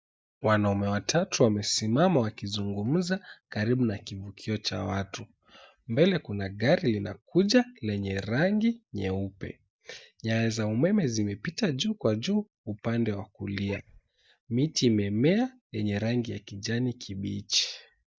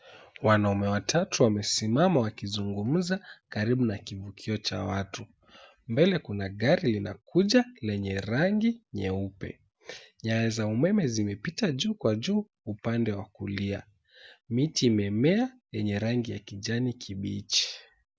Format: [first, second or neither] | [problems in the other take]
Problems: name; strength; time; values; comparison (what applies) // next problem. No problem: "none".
second | noise reduction (neural mask model DeepFilterNet 3)